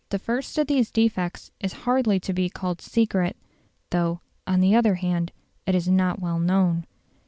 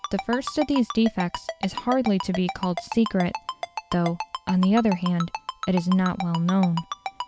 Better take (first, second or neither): first